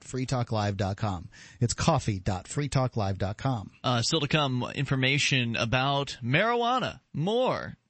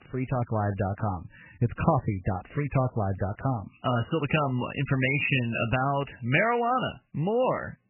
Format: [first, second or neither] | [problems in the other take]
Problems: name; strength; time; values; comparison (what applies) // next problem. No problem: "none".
first | garbled, watery; badly; nothing above 3 kHz; slightly in the first